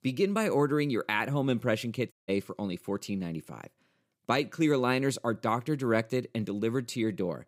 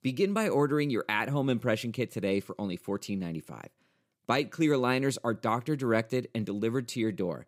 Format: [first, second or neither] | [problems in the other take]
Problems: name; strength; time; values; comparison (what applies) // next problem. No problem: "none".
second | audio cutting out; at 2 s